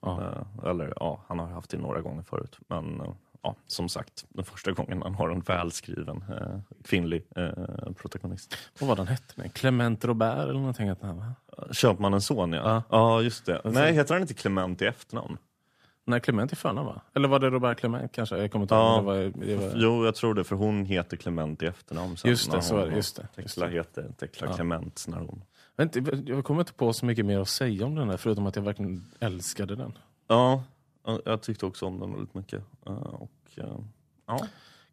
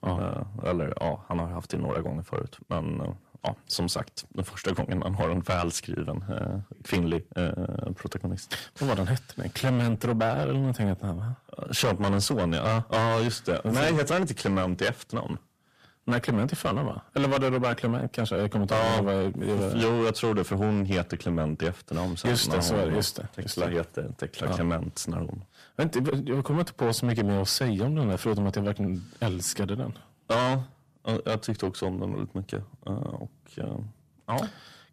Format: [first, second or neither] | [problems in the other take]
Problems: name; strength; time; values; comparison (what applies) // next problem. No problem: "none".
first | distortion; heavy; 6 dB below the speech